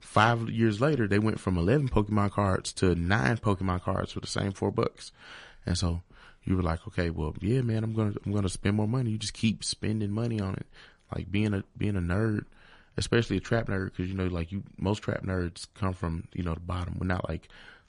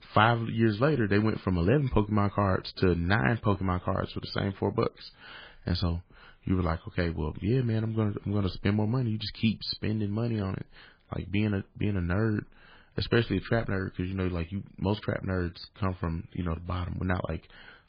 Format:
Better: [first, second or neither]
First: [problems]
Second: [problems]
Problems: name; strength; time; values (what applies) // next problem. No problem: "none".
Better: first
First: garbled, watery; slightly; nothing above 10.5 kHz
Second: garbled, watery; badly; nothing above 5 kHz